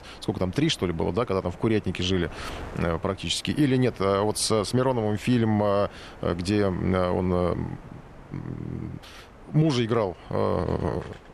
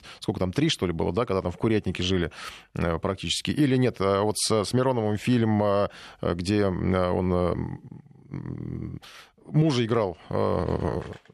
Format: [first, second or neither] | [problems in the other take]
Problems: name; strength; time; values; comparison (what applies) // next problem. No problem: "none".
second | wind noise on the microphone; occasional gusts; 20 dB below the speech